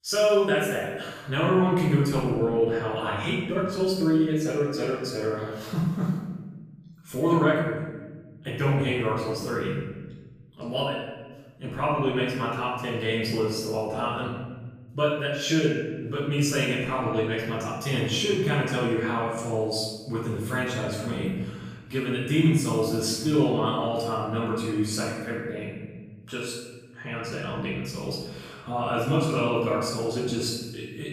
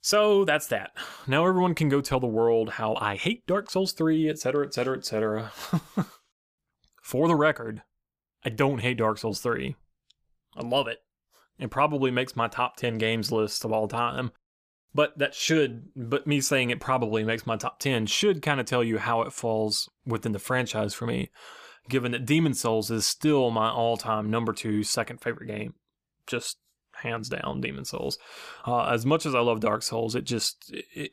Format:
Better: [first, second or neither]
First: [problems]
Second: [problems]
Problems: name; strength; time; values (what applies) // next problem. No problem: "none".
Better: second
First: off-mic speech; far // room echo; strong; dies away in 1.3 s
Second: none